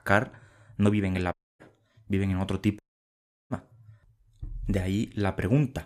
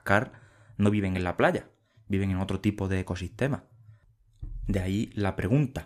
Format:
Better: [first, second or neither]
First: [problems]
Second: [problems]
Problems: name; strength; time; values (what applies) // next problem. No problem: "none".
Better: second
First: audio cutting out; at 1.5 s and at 3 s for 0.5 s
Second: none